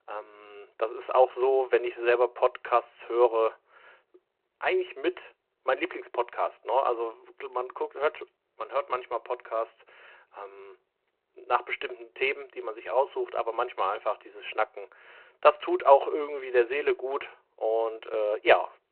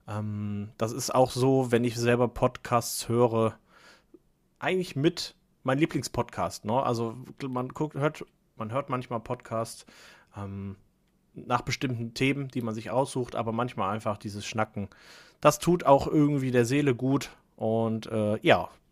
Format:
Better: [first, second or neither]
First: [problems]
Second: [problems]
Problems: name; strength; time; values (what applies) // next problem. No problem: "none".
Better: second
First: phone-call audio; nothing above 4 kHz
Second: none